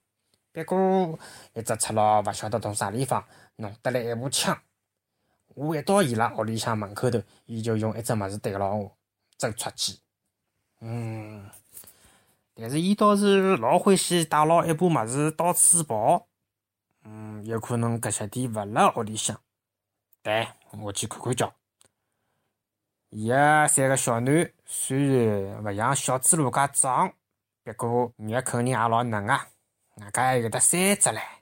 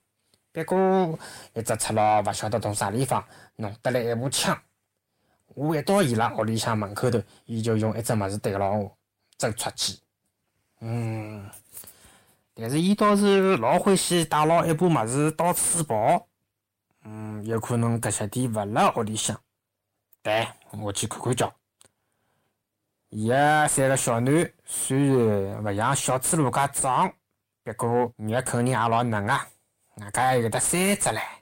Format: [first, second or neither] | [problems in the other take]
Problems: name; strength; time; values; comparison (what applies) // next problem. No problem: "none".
first | distortion; slight; 10 dB below the speech